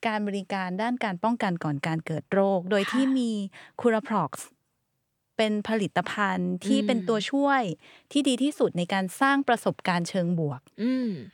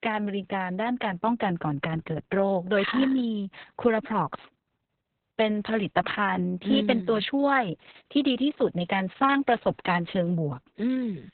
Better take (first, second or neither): first